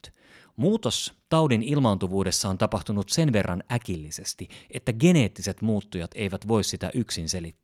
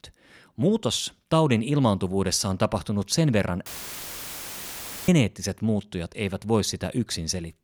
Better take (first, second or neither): first